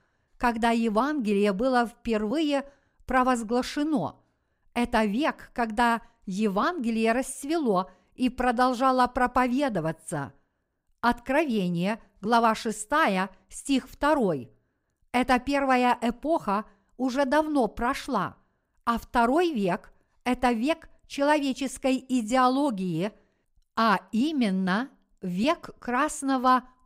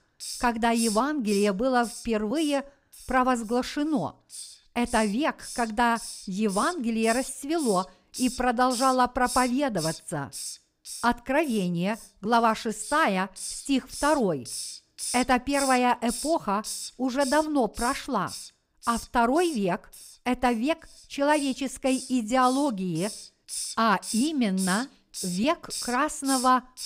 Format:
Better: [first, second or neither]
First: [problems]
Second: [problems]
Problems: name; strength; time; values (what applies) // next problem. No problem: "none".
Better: first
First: none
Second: hiss; noticeable; throughout; 10 dB below the speech